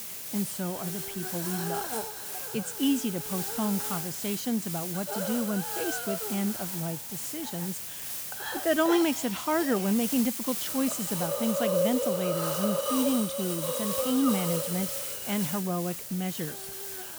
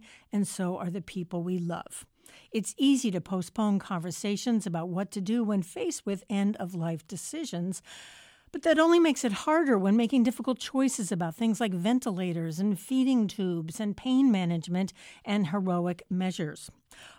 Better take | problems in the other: second | hiss; loud; throughout; 1 dB below the speech

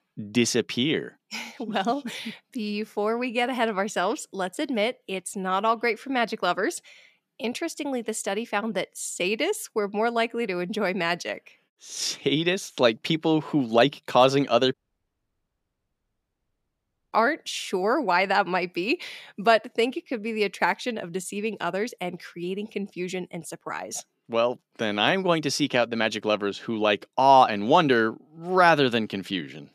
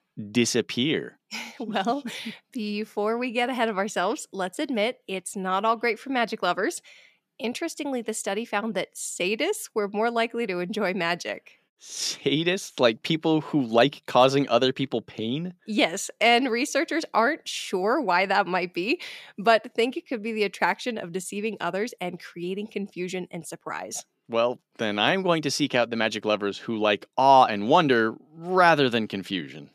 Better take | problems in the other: second | audio cutting out; at 15 s for 2.5 s

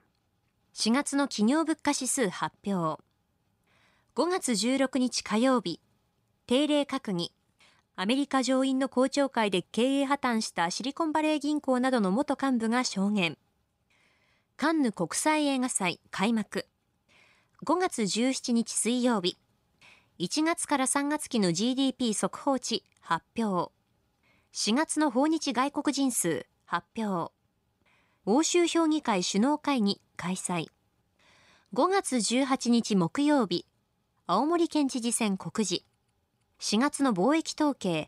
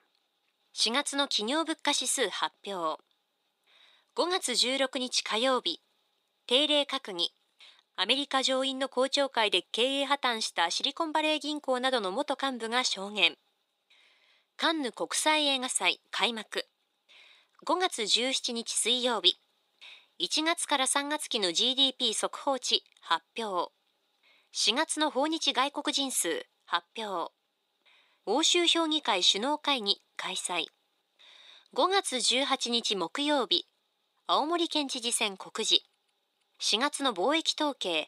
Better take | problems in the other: first | thin; somewhat; fading below 350 Hz

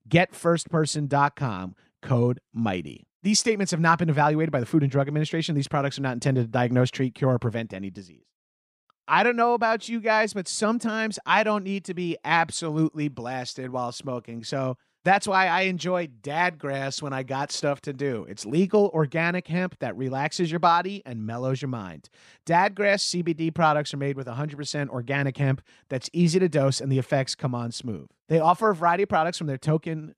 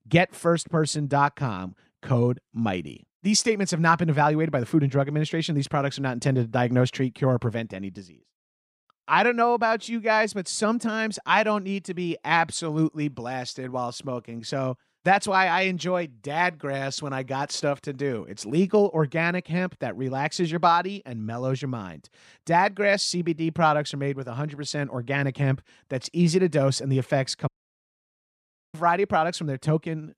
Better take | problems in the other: first | audio cutting out; at 27 s for 1.5 s

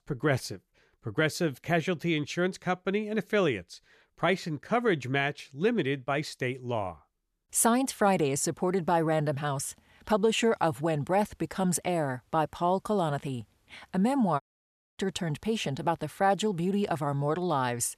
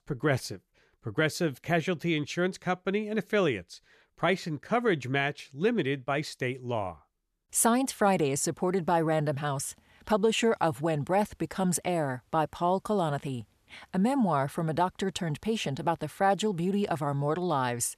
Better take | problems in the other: second | audio cutting out; at 14 s for 0.5 s

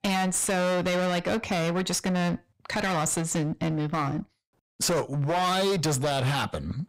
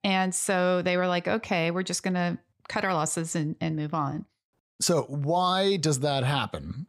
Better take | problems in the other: second | distortion; heavy; 22% of the sound clipped

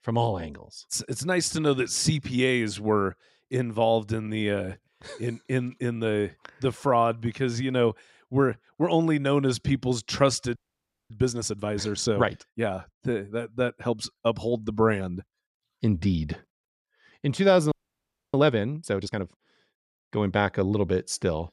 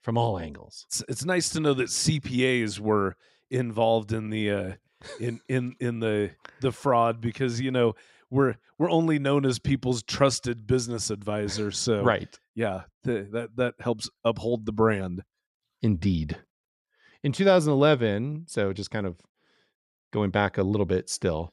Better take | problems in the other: second | audio freezing; at 11 s for 0.5 s and at 18 s for 0.5 s

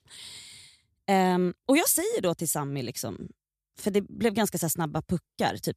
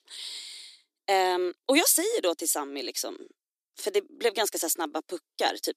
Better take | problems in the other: first | thin; somewhat; fading below 300 Hz

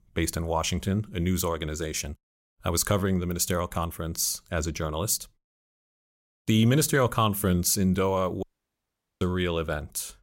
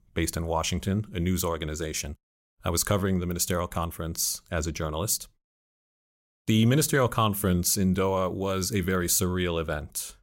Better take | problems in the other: second | audio cutting out; at 8.5 s for 1 s

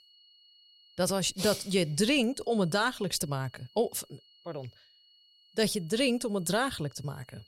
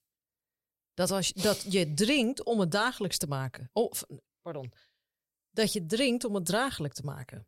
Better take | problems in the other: second | high-pitched whine; faint; throughout; 3 kHz, 30 dB below the speech

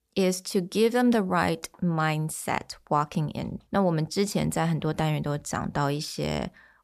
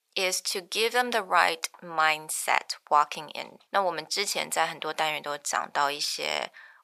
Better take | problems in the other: first | thin; very; fading below 850 Hz

